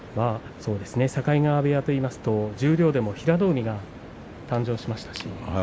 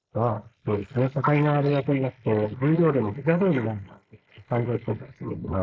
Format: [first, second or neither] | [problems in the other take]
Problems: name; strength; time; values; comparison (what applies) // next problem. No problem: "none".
first | noise reduction (neural mask model Resemble Enhance denoiser)